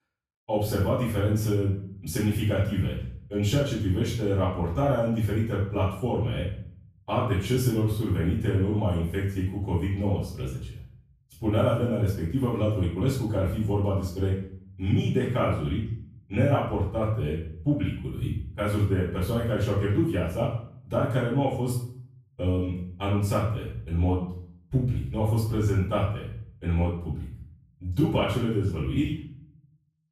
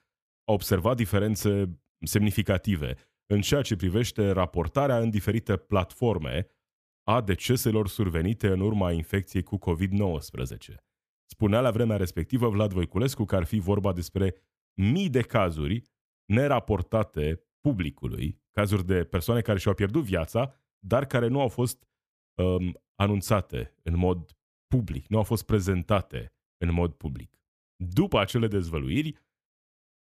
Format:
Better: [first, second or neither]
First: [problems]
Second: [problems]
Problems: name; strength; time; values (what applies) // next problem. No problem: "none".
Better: second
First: off-mic speech; far // room echo; noticeable; dies away in 0.6 s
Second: none